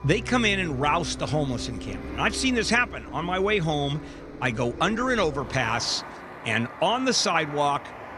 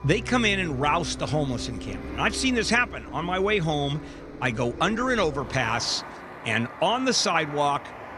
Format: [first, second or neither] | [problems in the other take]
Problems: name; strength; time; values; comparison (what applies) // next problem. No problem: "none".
neither | traffic noise; noticeable; throughout; 15 dB below the speech; the same in both